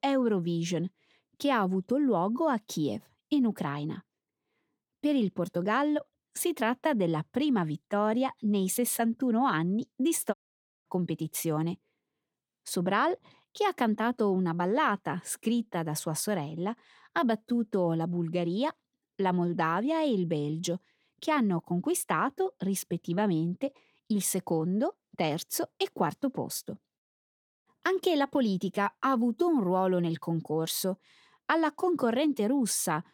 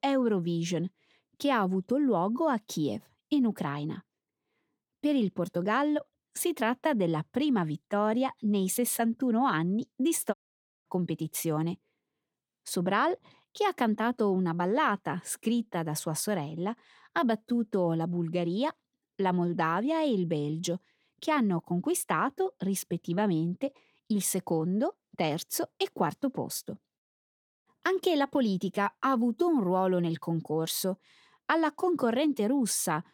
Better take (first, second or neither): neither